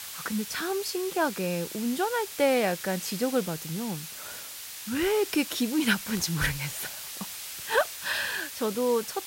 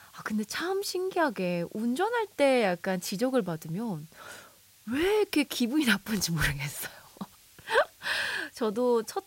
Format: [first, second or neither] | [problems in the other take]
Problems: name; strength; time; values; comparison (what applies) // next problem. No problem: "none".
second | hiss; loud; throughout; 8 dB below the speech; faint in the second